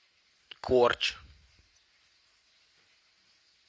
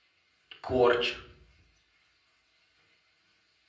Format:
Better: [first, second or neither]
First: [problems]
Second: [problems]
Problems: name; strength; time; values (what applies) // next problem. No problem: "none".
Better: first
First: none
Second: room echo; dies away in 0.6 s